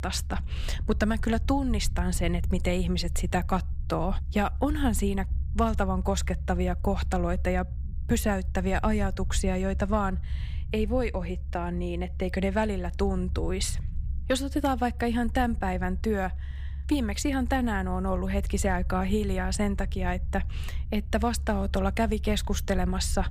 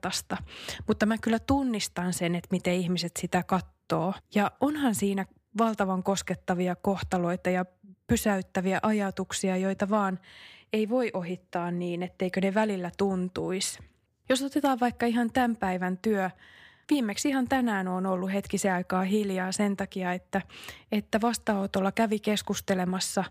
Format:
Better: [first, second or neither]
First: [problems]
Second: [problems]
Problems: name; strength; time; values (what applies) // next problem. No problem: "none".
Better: second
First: low rumble; faint; throughout; 20 dB below the speech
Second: none